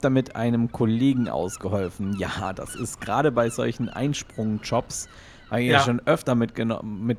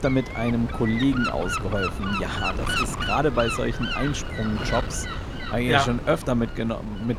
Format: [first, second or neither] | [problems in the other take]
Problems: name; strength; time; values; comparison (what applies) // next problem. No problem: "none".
first | wind noise on the microphone; heavy; 2 dB below the speech; occasional gusts in the first